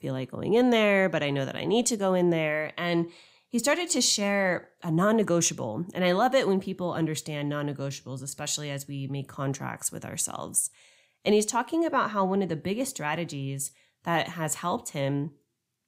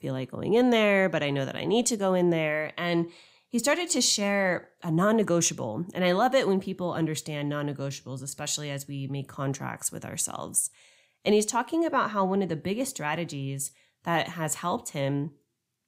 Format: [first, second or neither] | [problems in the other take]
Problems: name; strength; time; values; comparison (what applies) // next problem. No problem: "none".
neither | none